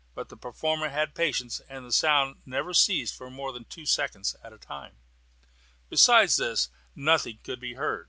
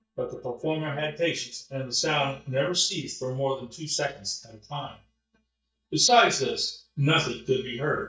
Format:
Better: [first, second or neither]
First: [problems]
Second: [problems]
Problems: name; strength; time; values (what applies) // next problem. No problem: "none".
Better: first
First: none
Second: noise reduction (neural mask model DeepFilterNet 3)